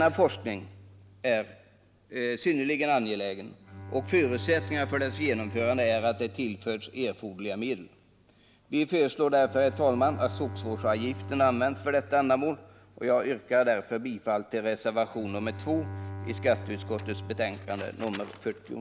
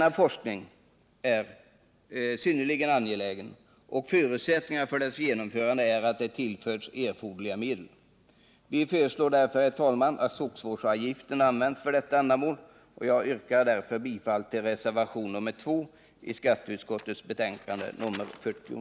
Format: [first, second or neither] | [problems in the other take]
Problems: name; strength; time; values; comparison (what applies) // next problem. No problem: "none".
second | background sound (Bowed string instrument); 13 dB below the speech